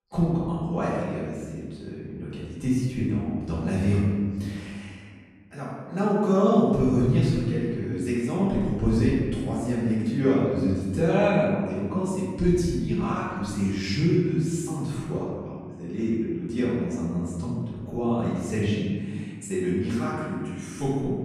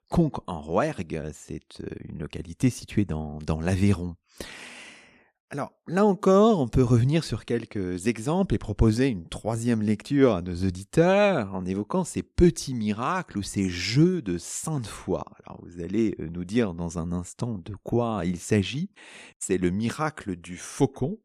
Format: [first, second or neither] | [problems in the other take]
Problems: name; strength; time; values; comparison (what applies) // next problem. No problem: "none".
second | off-mic speech; far // room echo; strong; dies away in 1.7 s